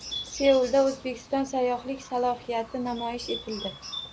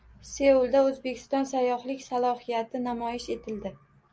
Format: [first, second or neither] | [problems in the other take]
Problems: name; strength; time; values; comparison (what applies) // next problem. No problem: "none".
second | background sound (Bird); 13 dB below the speech